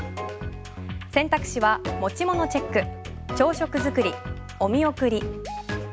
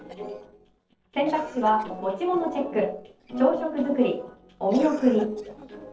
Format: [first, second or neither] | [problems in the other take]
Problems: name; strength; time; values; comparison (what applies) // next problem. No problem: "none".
first | noise reduction (neural separator model SepFormer DNS4)